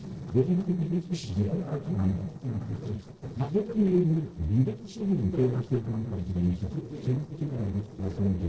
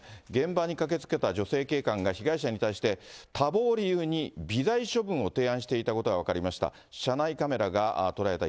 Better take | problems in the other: second | noise reduction (neural separator model SepFormer DNS4)

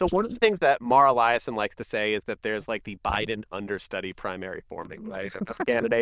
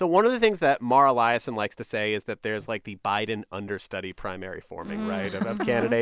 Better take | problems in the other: second | noise reduction (neural diffusion model UNIVERSE++)

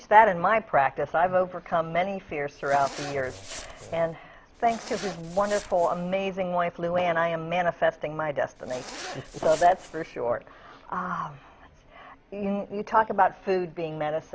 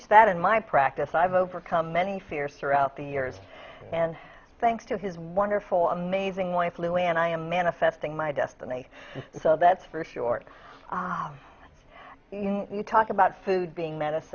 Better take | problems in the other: second | background sound (Zipper (clothing) + Fireworks); 16 dB below the speech

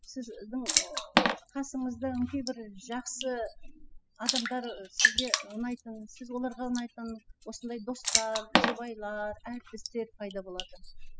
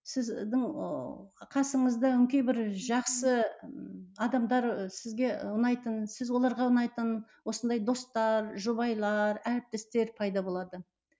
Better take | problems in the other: second | noise reduction (classical method spectral subtraction)

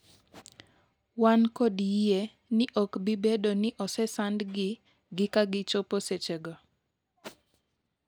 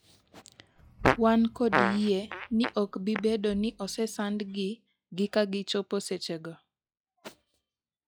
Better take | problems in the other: first | noise reduction (classical method log-MMSE)

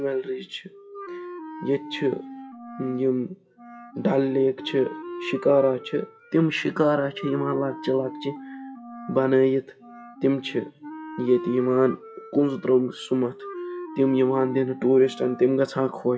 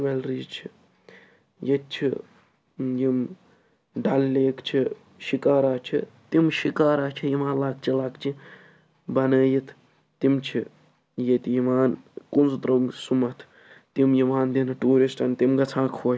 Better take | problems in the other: second | noise reduction (classical method WPE with log-MMSE)

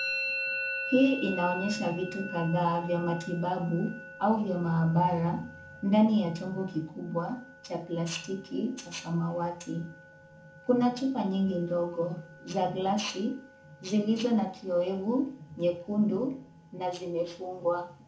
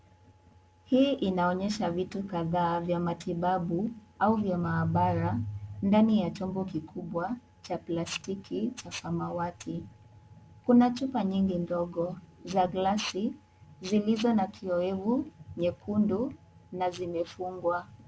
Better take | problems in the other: second | background sound (Musical instrument); 13 dB below the speech // room echo; dies away in 0.4 s

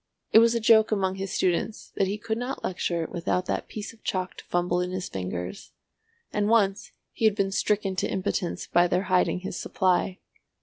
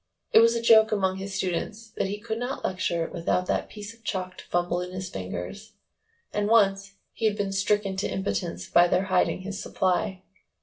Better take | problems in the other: first | room echo; dies away in 0.2 s

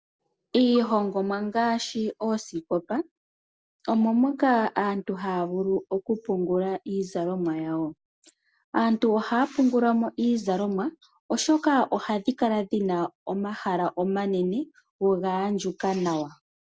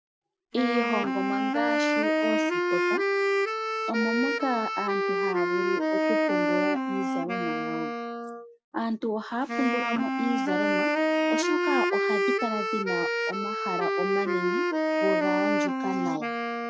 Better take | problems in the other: first | noise reduction (classical method Wiener filter)

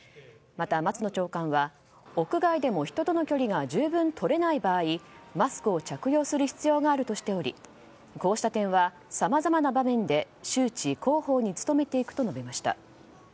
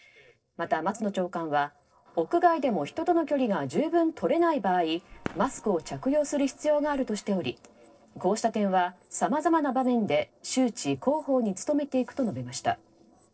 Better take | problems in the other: first | noise reduction (neural separator model SepFormer DNS4)

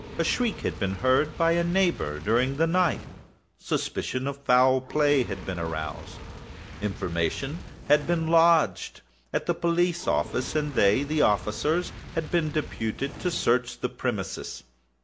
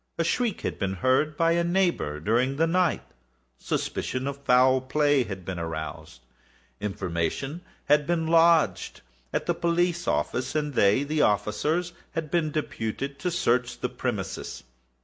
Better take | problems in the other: second | background sound (Fire); 15 dB below the speech

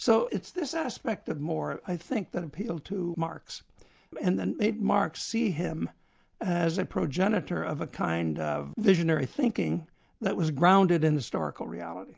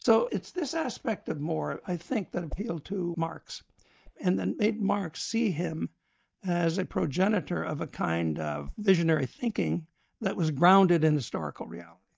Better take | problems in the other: first | noise reduction (neural mask model DeepFilterNet 3)

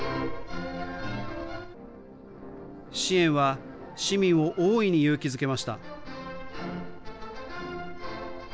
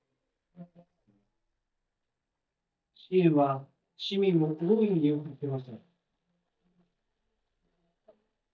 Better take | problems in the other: first | noise reduction (neural mask model DeepFilterNet 3)

